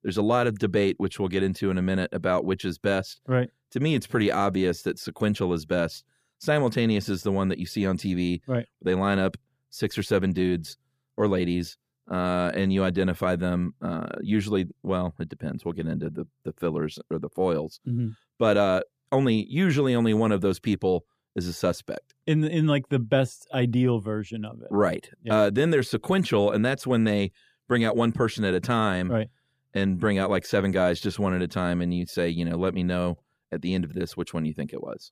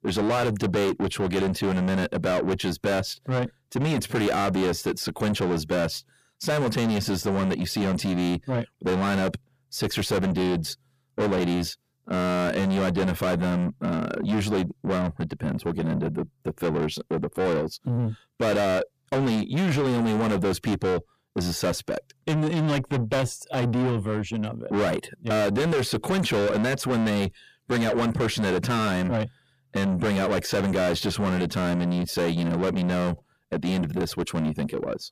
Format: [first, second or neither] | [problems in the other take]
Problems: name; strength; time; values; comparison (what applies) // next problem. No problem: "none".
first | distortion; heavy; 7 dB below the speech